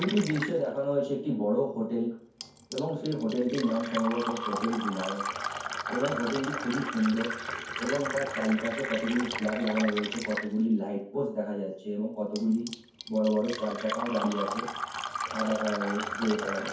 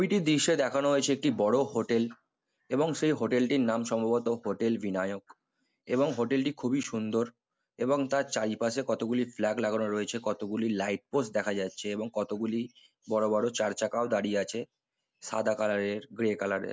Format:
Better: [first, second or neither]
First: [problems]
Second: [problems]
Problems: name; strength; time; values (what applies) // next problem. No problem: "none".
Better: second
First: background sound (Fill (with liquid)); 7 dB below the speech // room echo; dies away in 0.6 s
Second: none